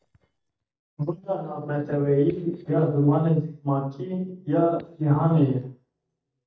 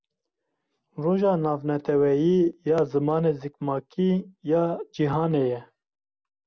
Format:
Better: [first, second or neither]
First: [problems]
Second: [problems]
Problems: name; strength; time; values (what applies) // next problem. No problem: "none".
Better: second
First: noise reduction (neural mask model DeepFilterNet 3)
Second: none